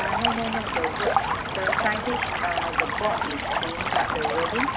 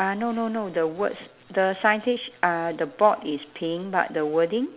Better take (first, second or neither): second